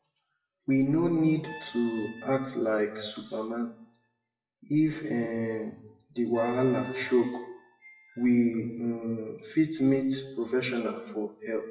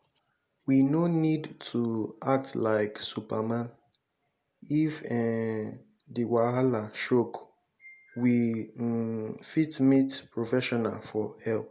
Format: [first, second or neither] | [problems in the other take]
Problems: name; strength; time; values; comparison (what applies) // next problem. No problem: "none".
second | noise reduction (classical method WPE with log-MMSE)